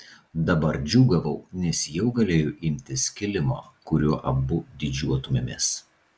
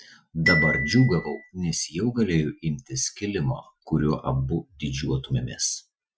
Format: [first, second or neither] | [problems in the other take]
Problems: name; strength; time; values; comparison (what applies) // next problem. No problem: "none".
first | noise reduction (classical method Wiener filter)